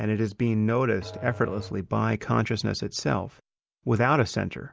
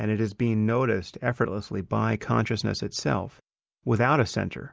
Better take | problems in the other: second | background sound (Musical instrument); 18 dB below the speech

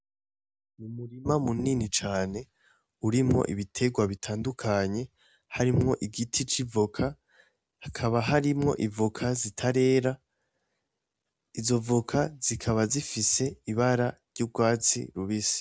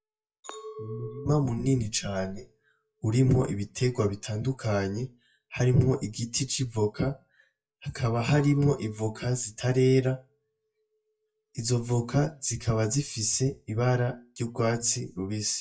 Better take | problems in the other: first | noise reduction (classical method WPE with log-MMSE)

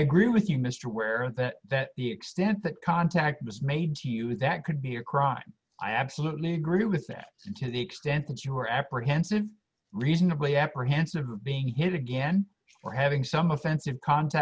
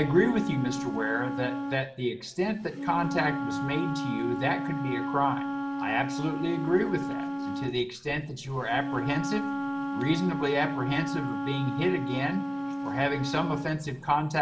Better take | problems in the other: first | background sound (Wind instrument, woodwind instrument); 3 dB below the speech // room echo; dies away in 2.6 s

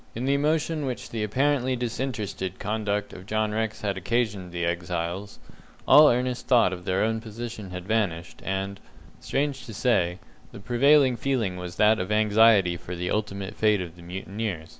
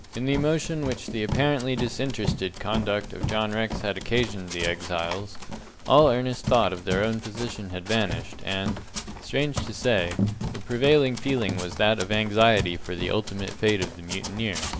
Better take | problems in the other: first | background sound (Run); 8 dB below the speech

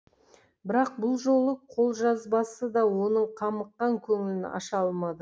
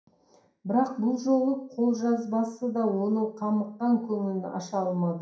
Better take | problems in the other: first | room echo; dies away in 0.5 s

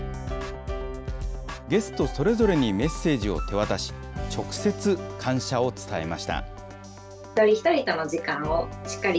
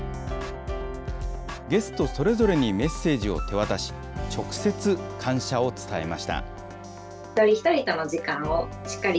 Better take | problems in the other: first | background sound (Brass instrument); 20 dB below the speech

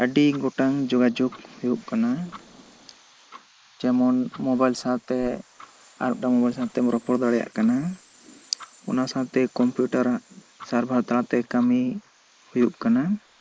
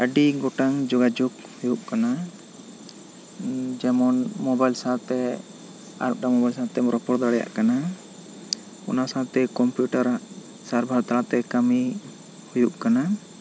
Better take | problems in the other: second | noise reduction (neural mask model Resemble Enhance denoiser)

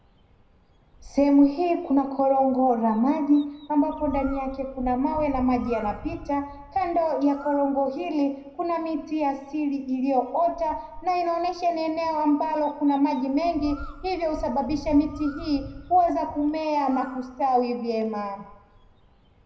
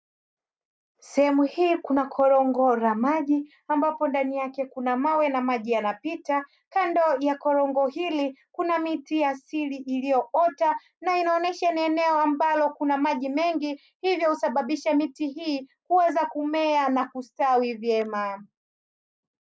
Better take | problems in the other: second | background sound (Bird); 18 dB below the speech // room echo; dies away in 0.7 s

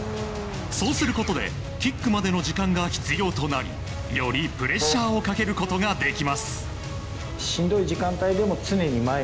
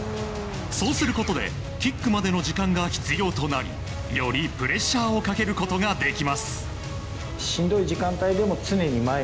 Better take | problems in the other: second | background sound (Wind instrument, woodwind instrument); 7 dB below the speech

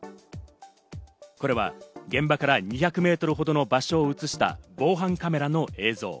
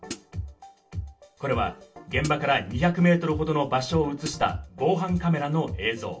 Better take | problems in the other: first | background sound (Hi-hat); 13 dB below the speech // room echo; dies away in 0.2 s

